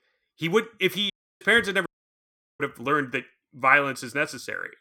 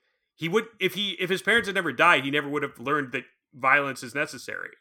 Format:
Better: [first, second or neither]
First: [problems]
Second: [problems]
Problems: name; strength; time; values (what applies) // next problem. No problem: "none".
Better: second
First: audio cutting out; at 1 s and at 2 s for 0.5 s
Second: none